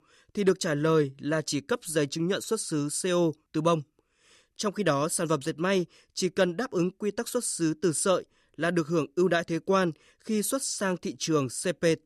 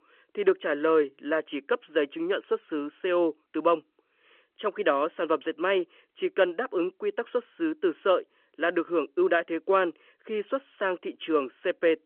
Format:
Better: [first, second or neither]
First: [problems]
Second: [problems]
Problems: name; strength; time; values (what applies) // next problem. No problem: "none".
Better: first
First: none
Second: phone-call audio